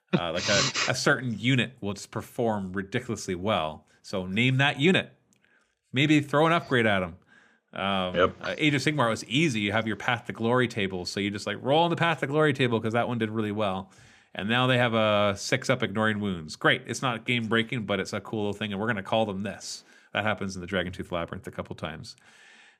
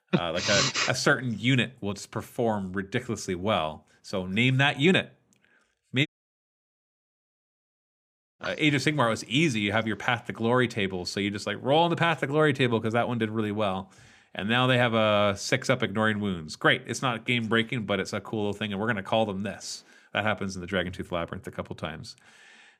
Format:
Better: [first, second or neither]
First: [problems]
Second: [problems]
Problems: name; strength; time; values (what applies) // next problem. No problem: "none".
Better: first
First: none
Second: audio cutting out; at 6 s for 2.5 s